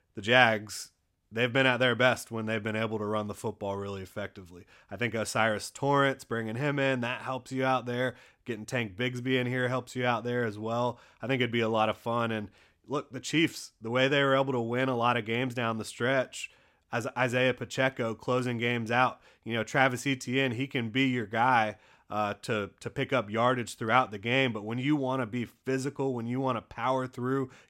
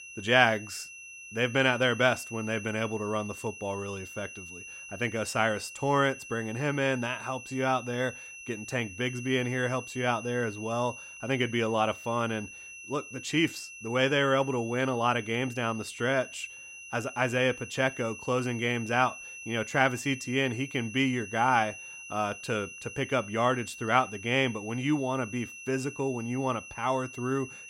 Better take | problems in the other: first | high-pitched whine; noticeable; throughout; 2.5 kHz, 15 dB below the speech

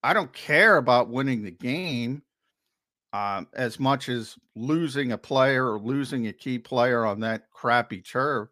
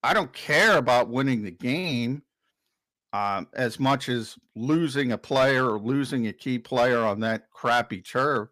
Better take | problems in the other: first | distortion; slight; 3% of the sound clipped

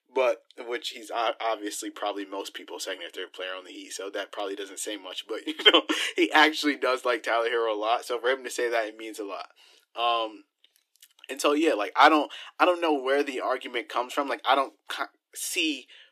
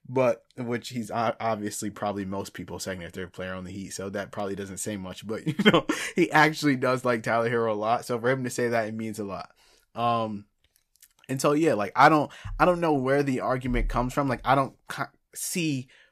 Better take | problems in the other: second | thin; somewhat; fading below 300 Hz

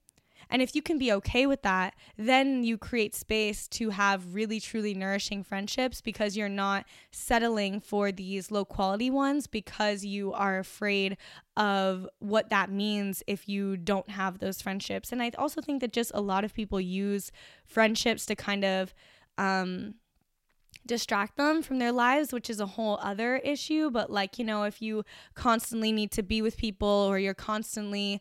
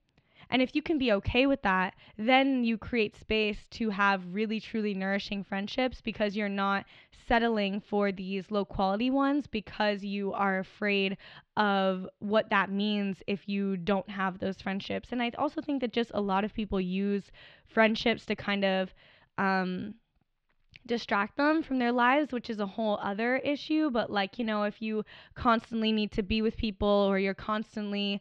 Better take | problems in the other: first | muffled; very slightly; fading above 4 kHz

